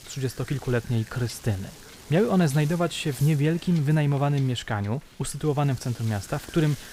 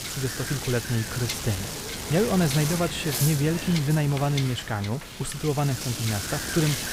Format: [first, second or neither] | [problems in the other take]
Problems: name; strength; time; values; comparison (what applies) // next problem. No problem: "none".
first | wind noise on the microphone; heavy; 1 dB below the speech; occasional gusts in the first